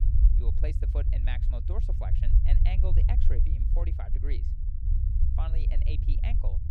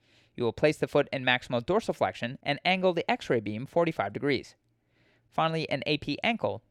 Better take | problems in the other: second | low rumble; loud; throughout; 3 dB below the speech

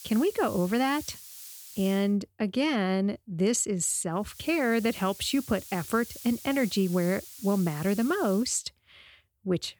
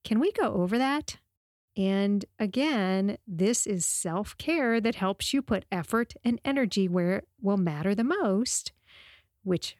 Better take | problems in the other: second | hiss; noticeable; until 2 s and from 4 to 8.5 s; 15 dB below the speech

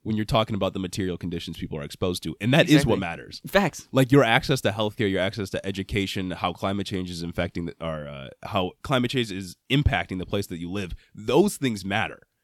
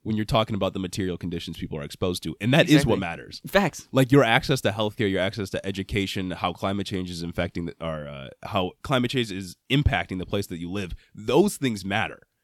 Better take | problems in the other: neither | none

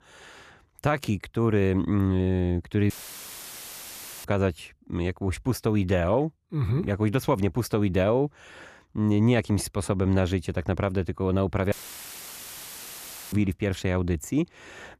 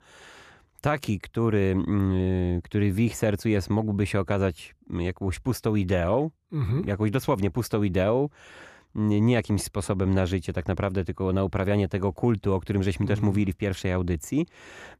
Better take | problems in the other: second | audio cutting out; filled with static; at 3 s for 1.5 s and at 12 s for 1.5 s

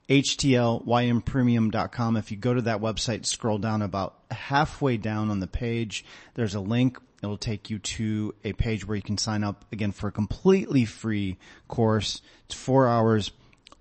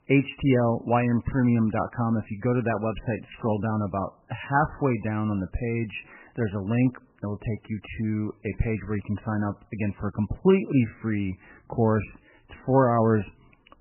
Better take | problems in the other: first | garbled, watery; badly; nothing above 3 kHz; slightly in the first

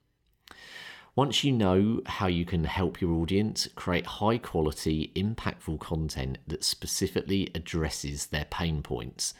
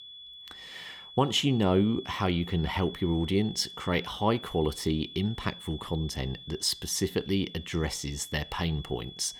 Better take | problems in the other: first | high-pitched whine; noticeable; throughout; 3.5 kHz, 15 dB below the speech

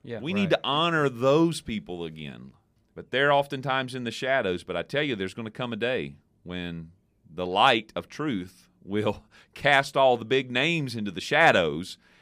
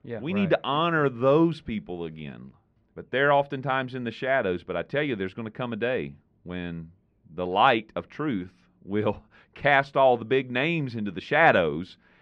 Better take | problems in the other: first | muffled; slightly; fading above 2.5 kHz

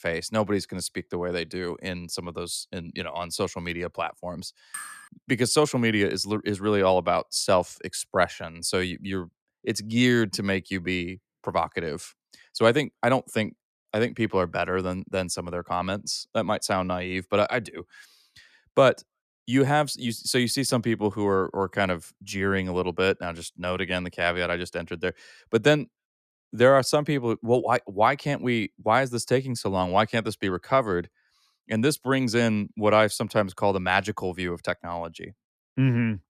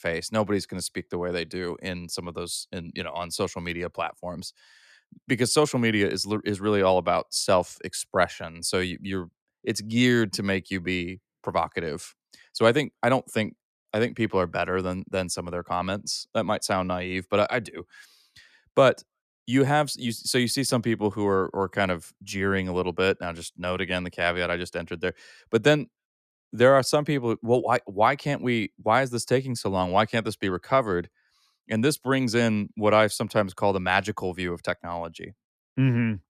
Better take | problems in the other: second | clattering dishes; faint; at 4.5 s; peak 10 dB below the speech

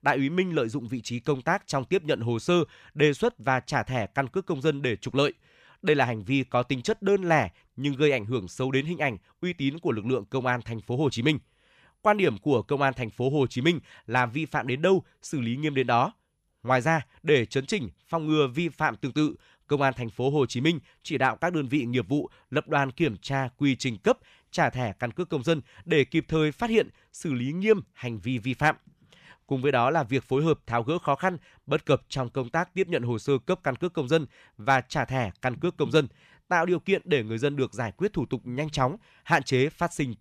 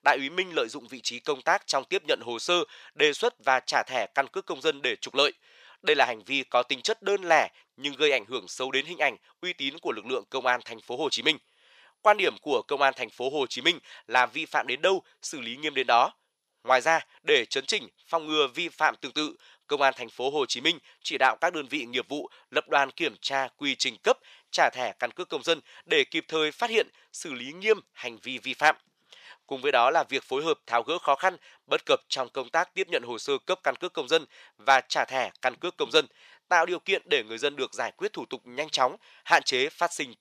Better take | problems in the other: first | thin; very; fading below 600 Hz

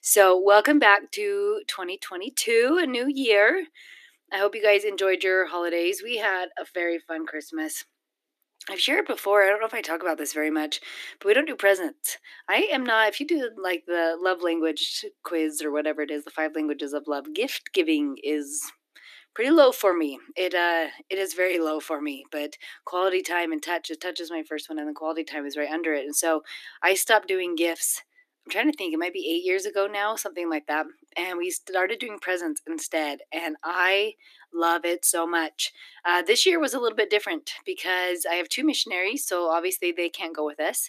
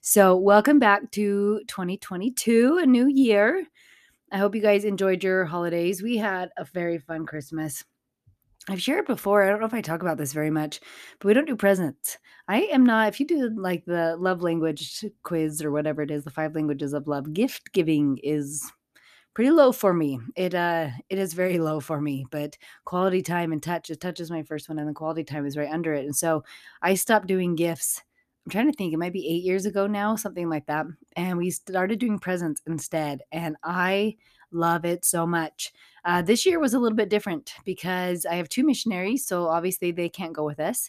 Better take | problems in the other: second | thin; somewhat; fading below 300 Hz

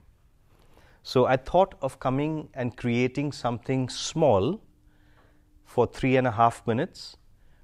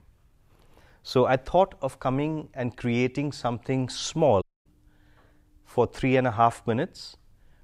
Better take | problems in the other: first | audio cutting out; at 4.5 s

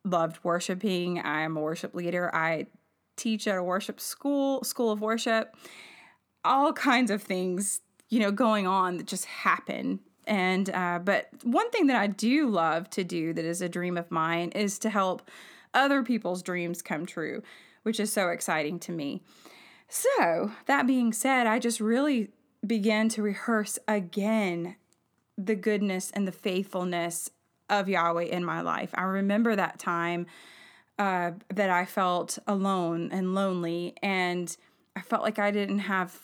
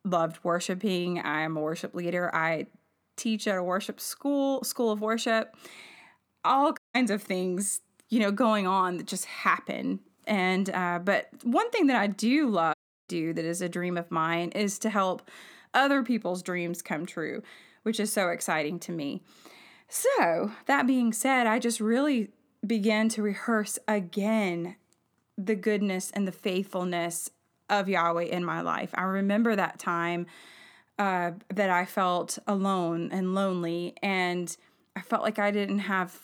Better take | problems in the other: first | audio cutting out; at 7 s and at 13 s

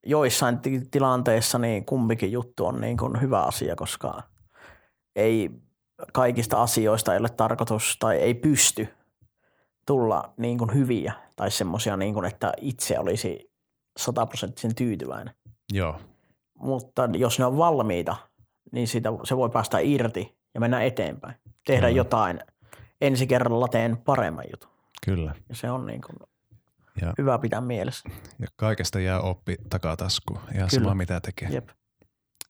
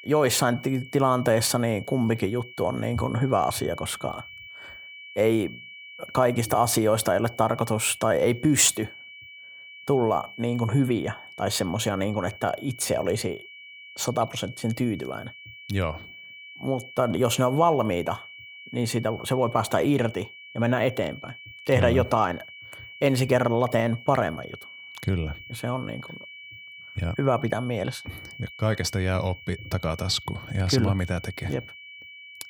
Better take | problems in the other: first | high-pitched whine; noticeable; throughout; 2.5 kHz, 15 dB below the speech

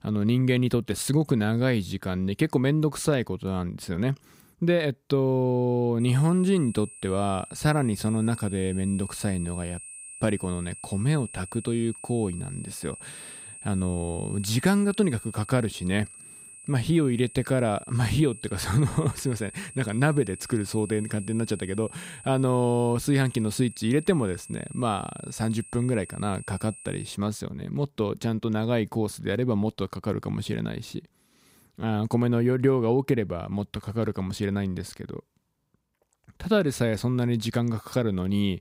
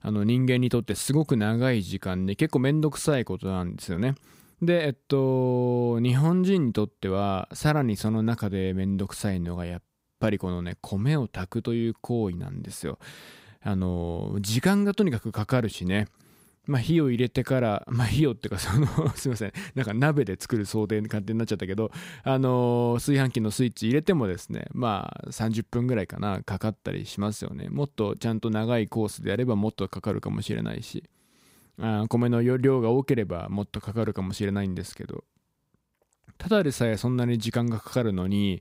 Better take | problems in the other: second | high-pitched whine; noticeable; from 6 to 27 s; 8.5 kHz, 15 dB below the speech

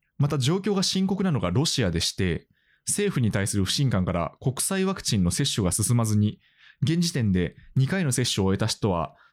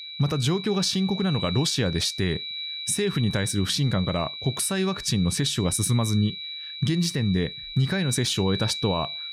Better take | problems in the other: first | high-pitched whine; loud; throughout; 4 kHz, 8 dB below the speech

